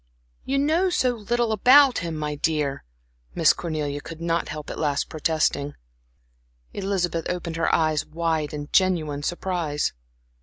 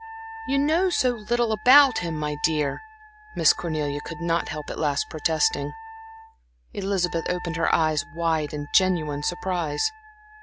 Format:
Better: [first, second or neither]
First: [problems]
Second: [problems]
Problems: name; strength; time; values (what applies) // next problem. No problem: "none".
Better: first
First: none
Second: background sound (Wind instrument, woodwind instrument); 15 dB below the speech